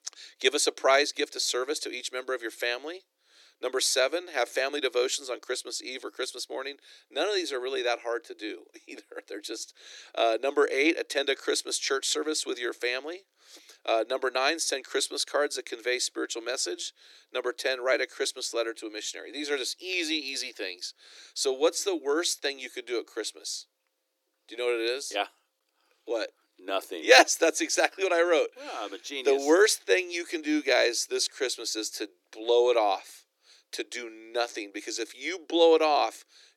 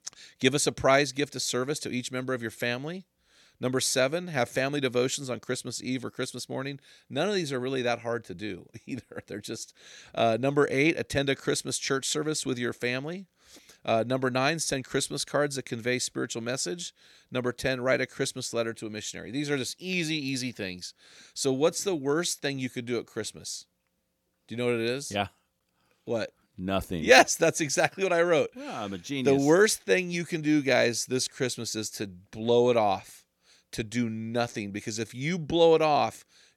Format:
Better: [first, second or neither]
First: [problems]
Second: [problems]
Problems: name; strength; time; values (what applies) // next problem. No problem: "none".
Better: second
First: thin; very; fading below 300 Hz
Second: none